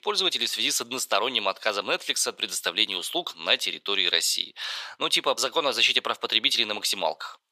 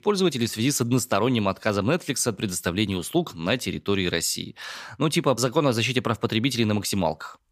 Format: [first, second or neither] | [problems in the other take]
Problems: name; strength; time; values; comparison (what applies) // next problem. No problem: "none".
second | thin; very; fading below 650 Hz